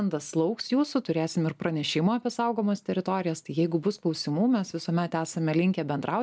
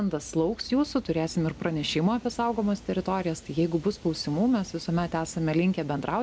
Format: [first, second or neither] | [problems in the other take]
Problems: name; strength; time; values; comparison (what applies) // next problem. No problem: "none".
first | background sound (Train); 20 dB below the speech